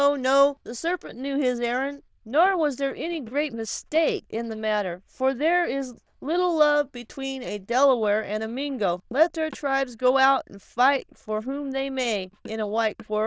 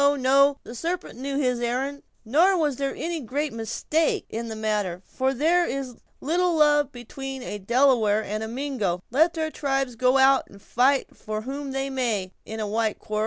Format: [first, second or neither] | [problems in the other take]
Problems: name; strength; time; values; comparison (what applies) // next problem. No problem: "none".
second | noise reduction (neural diffusion model UNIVERSE++)